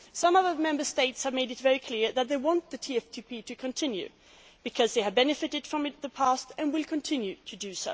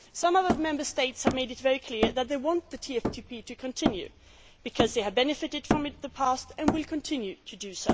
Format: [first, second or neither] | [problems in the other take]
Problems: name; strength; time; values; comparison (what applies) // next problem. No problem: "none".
first | background sound (Hammer); 4 dB below the speech